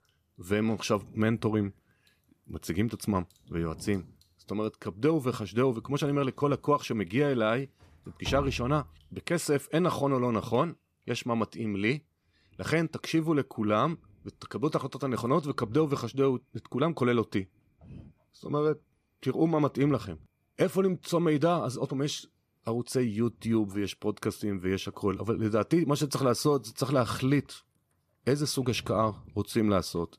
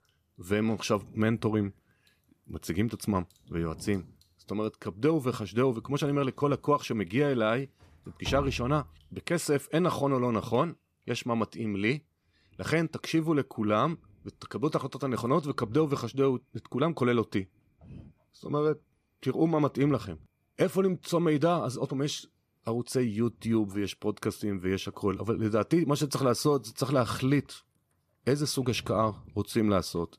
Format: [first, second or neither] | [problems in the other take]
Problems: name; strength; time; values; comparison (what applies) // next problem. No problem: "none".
neither | rain or running water; noticeable; throughout; 20 dB below the speech; the same in both